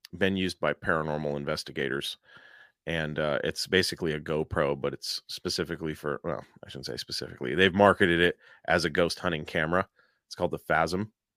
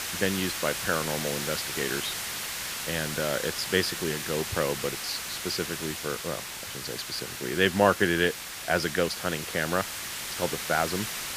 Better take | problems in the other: first | hiss; loud; throughout; 3 dB below the speech

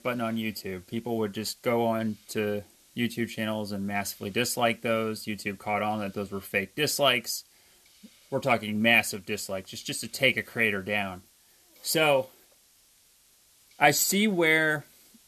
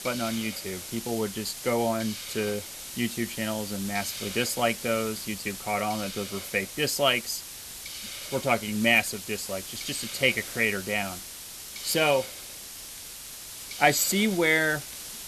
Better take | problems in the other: first | hiss; loud; throughout; 9 dB below the speech; faint in the first

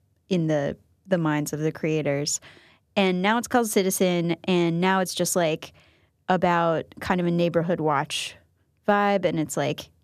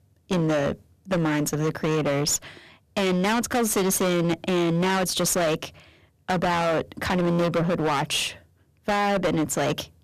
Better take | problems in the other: first | distortion; heavy; 25% of the sound clipped

